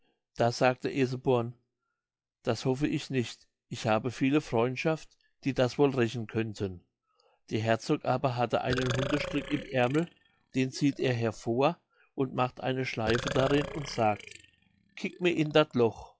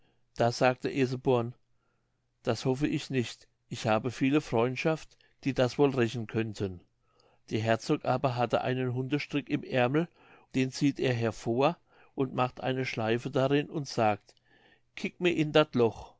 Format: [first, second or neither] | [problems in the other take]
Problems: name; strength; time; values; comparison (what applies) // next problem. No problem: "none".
second | noise reduction (classical method log-MMSE)